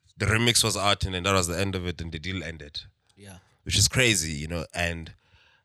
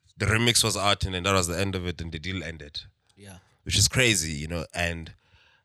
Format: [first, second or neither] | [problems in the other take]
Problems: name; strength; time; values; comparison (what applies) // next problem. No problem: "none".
neither | none